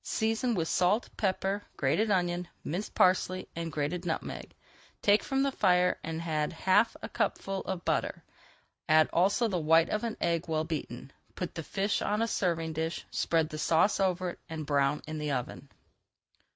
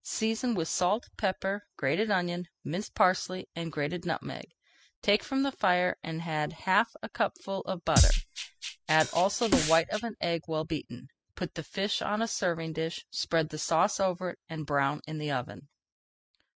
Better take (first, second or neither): first